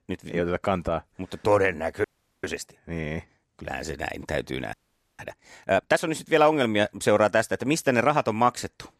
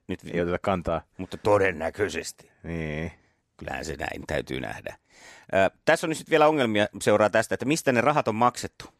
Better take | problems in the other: second | audio freezing; at 2 s and at 4.5 s

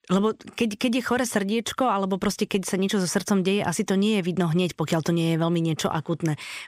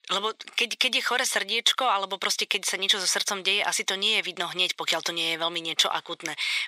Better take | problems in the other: first | thin; very; fading below 750 Hz

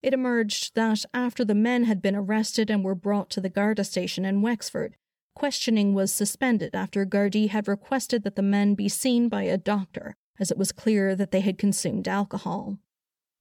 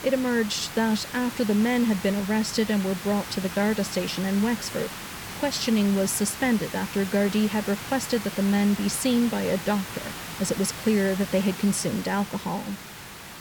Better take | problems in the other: first | hiss; loud; throughout; 10 dB below the speech

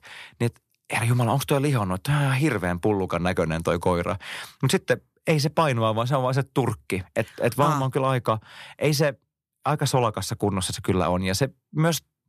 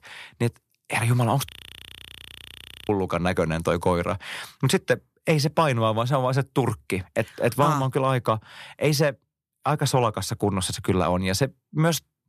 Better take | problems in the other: first | audio freezing; at 1.5 s for 1.5 s

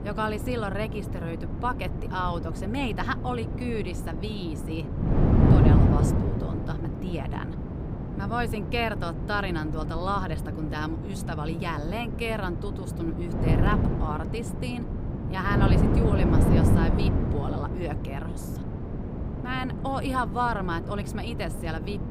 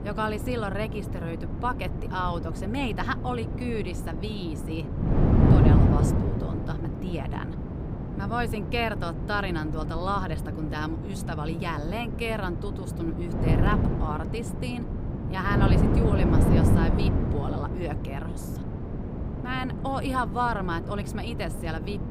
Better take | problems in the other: neither | wind noise on the microphone; heavy; 3 dB below the speech; the same in both

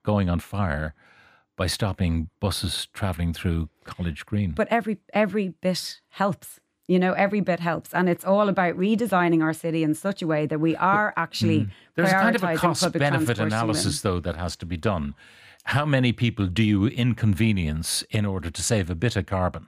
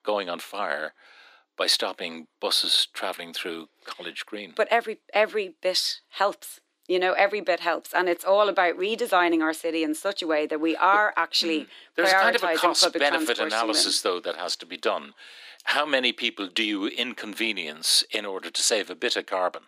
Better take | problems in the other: first | thin; very; fading below 300 Hz

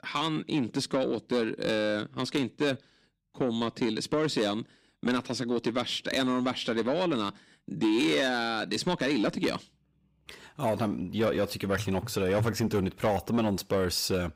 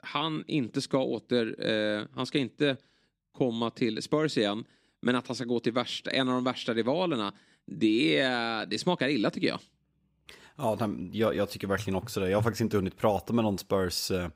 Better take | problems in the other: second | distortion; slight; 10 dB below the speech

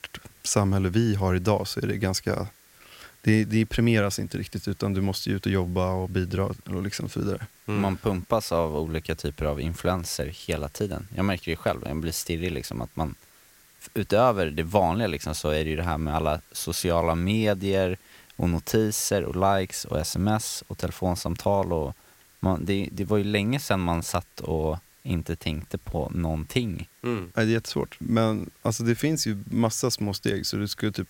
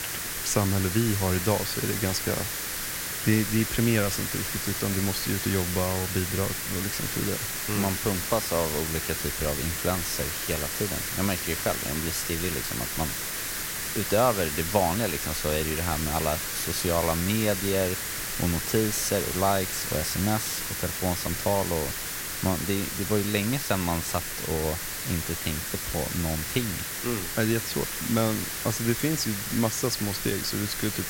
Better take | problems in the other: first | hiss; loud; throughout; 1 dB below the speech; faint in the first

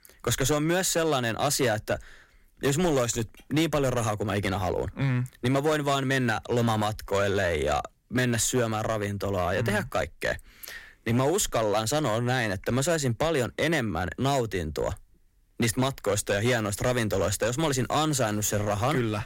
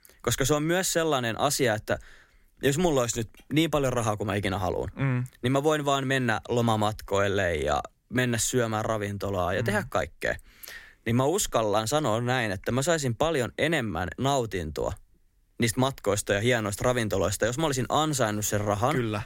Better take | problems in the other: second | distortion; slight; 7% of the sound clipped

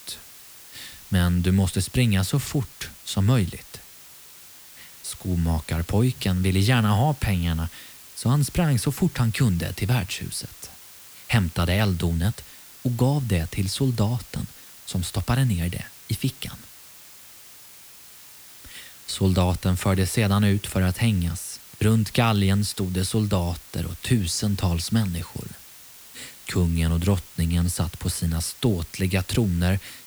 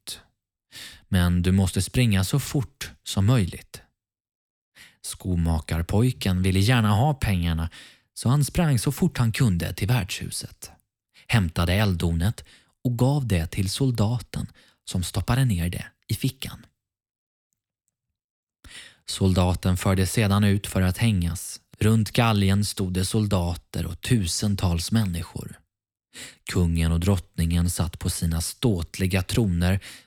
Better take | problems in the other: second | hiss; noticeable; throughout; 20 dB below the speech

